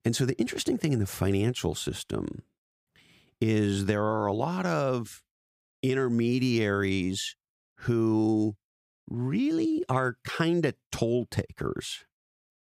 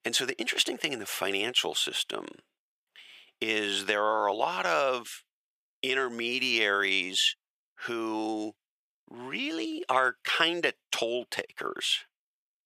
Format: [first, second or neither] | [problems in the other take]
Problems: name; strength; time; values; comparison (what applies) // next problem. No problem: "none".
first | thin; very; fading below 650 Hz